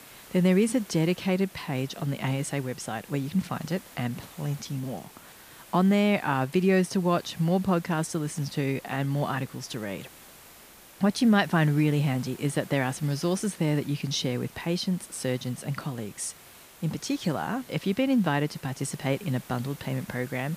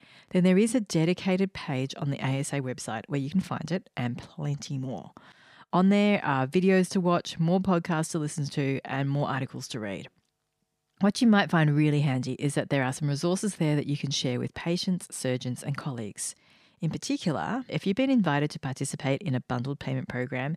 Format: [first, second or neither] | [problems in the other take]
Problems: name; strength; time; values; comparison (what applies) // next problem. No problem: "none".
second | hiss; faint; throughout; 20 dB below the speech